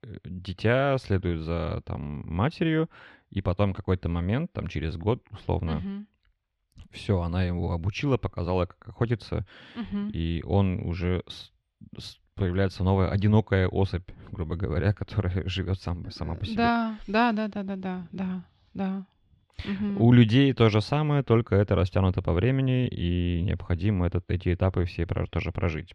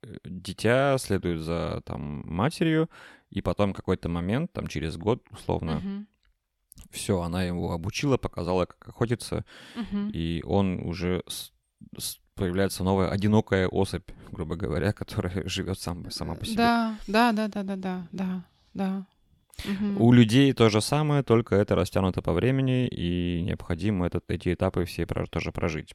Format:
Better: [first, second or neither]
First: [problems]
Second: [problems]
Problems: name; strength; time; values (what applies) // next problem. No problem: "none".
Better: second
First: muffled; very slightly; fading above 3 kHz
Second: none